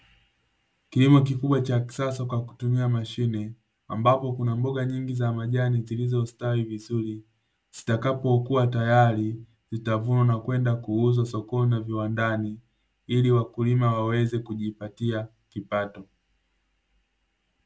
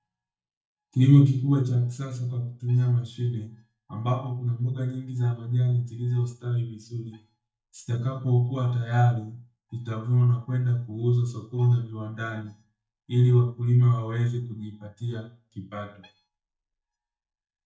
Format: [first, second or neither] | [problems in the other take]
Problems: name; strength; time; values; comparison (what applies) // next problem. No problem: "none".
first | noise reduction (neural mask model DeepFilterNet 3)